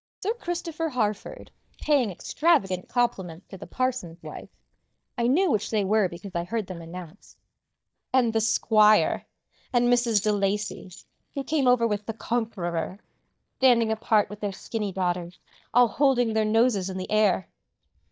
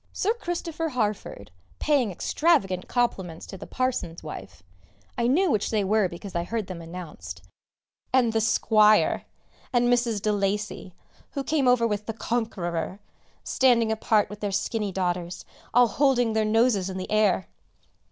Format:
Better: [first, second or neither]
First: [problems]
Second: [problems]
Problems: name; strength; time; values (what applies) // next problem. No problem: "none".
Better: second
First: noise reduction (neural mask model DeepFilterNet 3)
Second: none